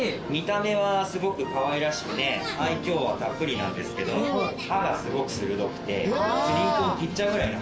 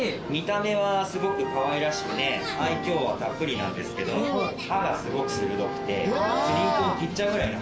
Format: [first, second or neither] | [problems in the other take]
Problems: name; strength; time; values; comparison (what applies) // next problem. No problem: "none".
first | background sound (Wind instrument, woodwind instrument); 10 dB below the speech